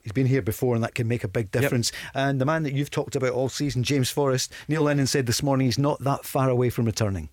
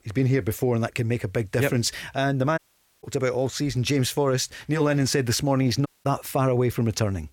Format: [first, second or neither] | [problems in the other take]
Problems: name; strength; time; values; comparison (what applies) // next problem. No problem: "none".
first | audio cutting out; at 2.5 s and at 6 s